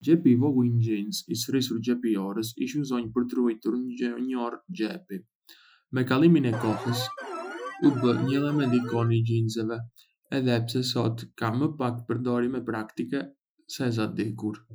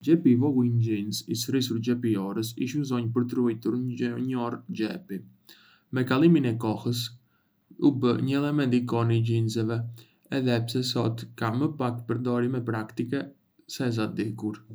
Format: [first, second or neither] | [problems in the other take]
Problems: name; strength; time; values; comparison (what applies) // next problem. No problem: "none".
second | noise reduction (classical method Wiener filter)